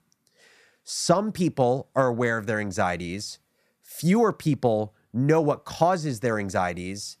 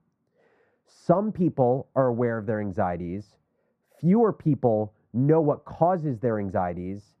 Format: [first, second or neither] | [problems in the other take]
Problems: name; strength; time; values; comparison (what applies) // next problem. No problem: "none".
first | muffled; very; fading above 2 kHz